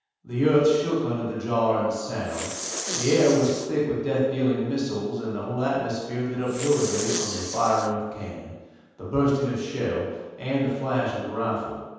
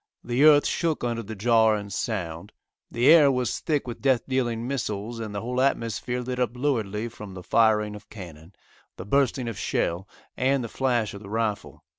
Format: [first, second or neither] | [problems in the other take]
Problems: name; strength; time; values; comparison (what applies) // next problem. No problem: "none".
second | background sound (Respiratory sounds); 10 dB below the speech // room echo; dies away in 1.2 s